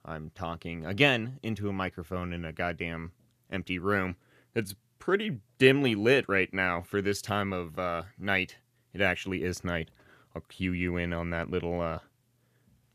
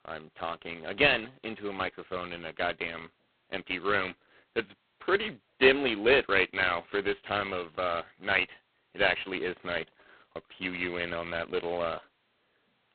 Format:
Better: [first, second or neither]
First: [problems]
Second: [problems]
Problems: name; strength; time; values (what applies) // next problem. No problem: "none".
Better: first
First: none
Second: phone-call audio; poor line; nothing above 4 kHz